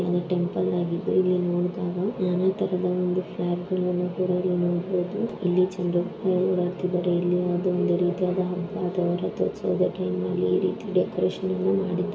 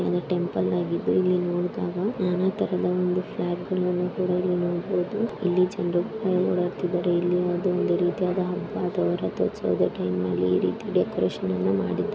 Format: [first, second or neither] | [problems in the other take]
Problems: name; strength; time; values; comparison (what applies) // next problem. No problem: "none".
second | room echo; dies away in 0.7 s